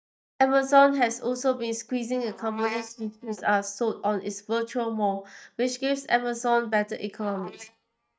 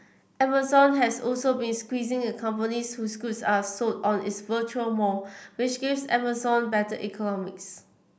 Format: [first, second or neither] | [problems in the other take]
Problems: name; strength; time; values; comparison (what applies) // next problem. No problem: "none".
second | noise reduction (neural mask model DeepFilterNet 3)